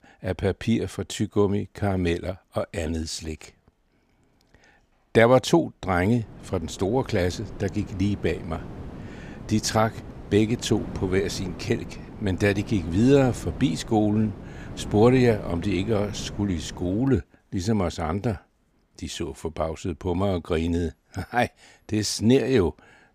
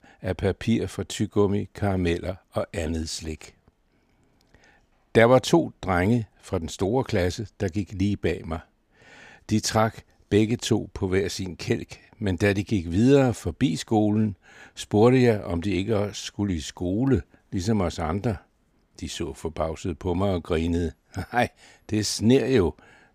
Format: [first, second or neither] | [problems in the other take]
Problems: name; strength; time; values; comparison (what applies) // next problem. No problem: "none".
second | wind noise on the microphone; occasional gusts; from 6 to 17 s; 15 dB below the speech